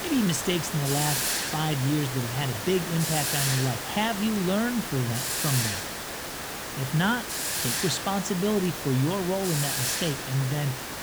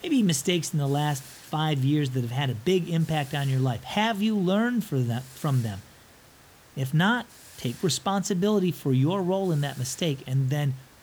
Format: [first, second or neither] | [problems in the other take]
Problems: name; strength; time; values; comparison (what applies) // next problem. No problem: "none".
second | hiss; loud; throughout; 1 dB below the speech; faint in the second